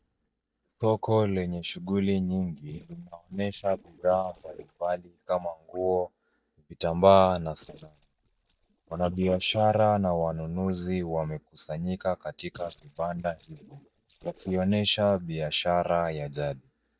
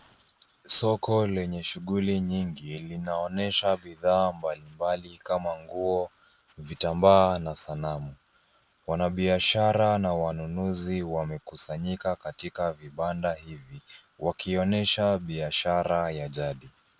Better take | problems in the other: second | noise reduction (neural mask model DeepFilterNet 3)

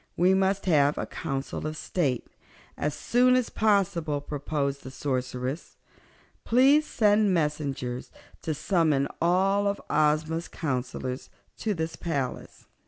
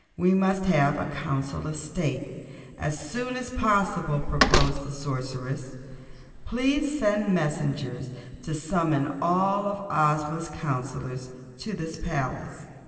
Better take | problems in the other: first | background sound (Slam); 1 dB below the speech // room echo; dies away in 2.3 s

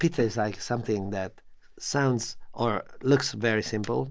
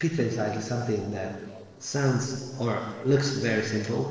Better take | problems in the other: first | noise reduction (neural separator model SepFormer DNS4)

